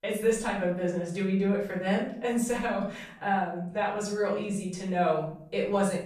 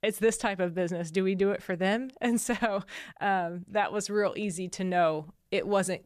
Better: second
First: off-mic speech; far // room echo; noticeable; dies away in 0.6 s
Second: none

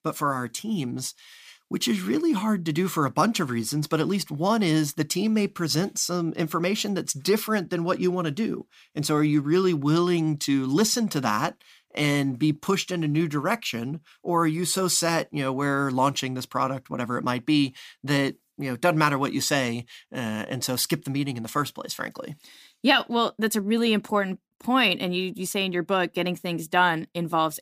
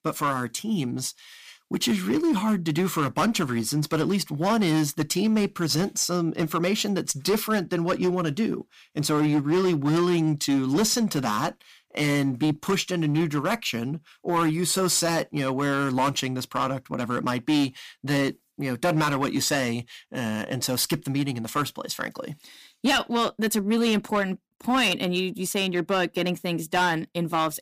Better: first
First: none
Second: distortion; slight; 8% of the sound clipped

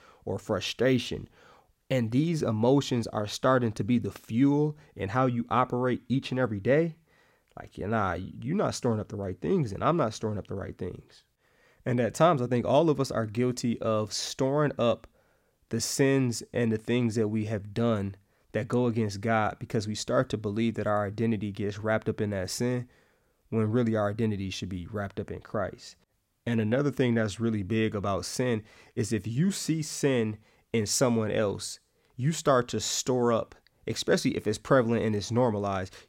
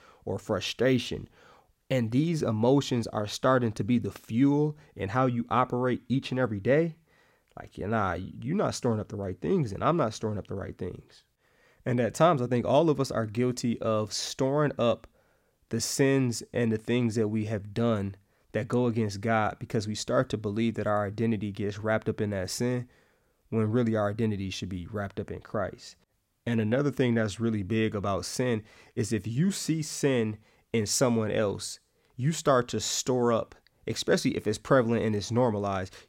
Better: neither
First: none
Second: none

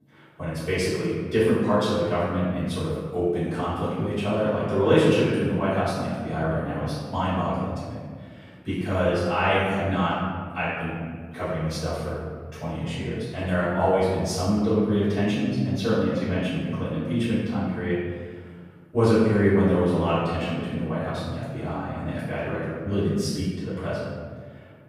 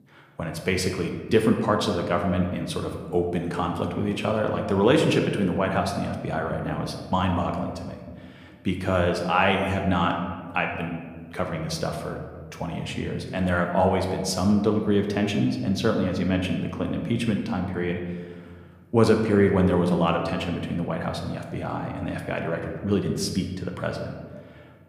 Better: second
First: room echo; strong; dies away in 1.5 s // off-mic speech; far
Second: room echo; slight; dies away in 1.2 s

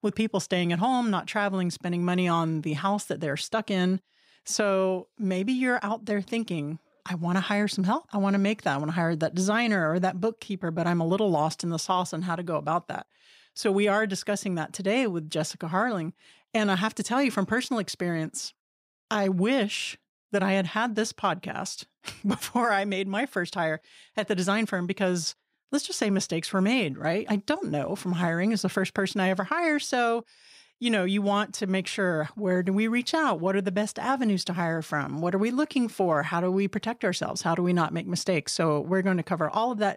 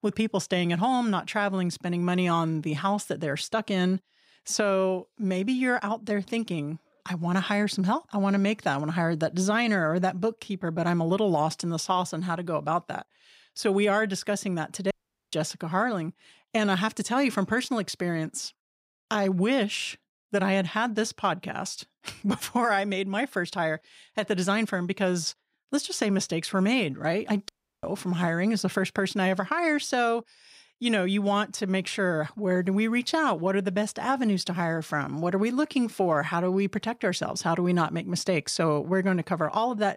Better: first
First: none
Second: audio cutting out; at 15 s and at 27 s

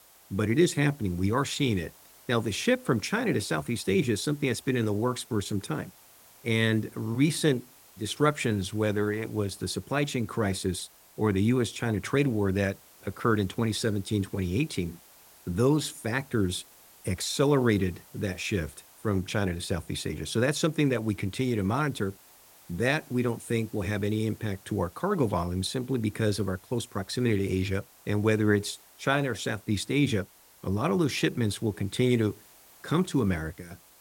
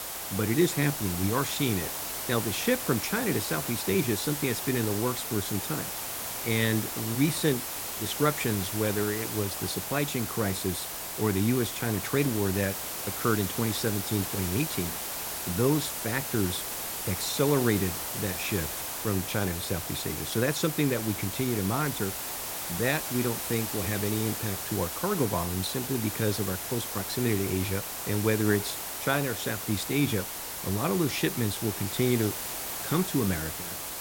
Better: first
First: hiss; faint; throughout; 25 dB below the speech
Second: hiss; loud; throughout; 3 dB below the speech

